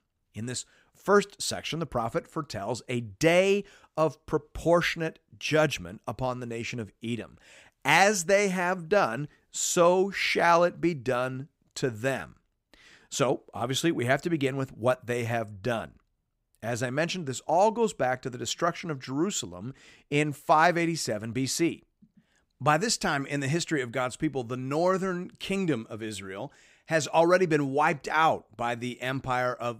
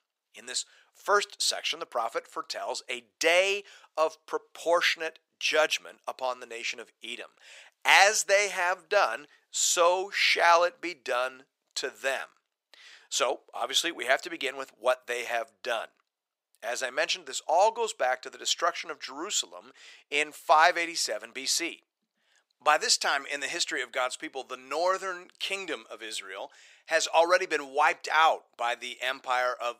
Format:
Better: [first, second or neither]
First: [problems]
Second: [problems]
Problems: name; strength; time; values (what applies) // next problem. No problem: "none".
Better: first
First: none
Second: thin; very; fading below 550 Hz